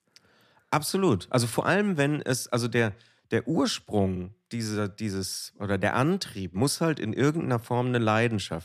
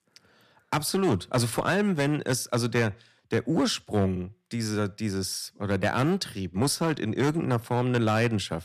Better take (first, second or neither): first